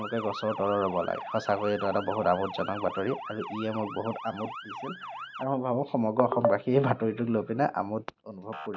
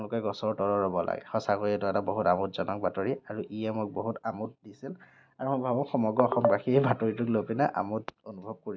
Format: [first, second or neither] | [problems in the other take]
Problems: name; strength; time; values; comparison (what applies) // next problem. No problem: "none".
second | background sound (Motor vehicle (road) / Siren); 12 dB below the speech